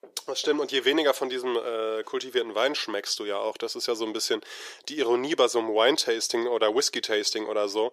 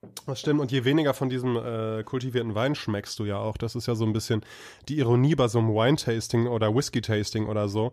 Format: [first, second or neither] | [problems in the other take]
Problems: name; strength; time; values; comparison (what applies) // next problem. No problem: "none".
second | thin; very; fading below 400 Hz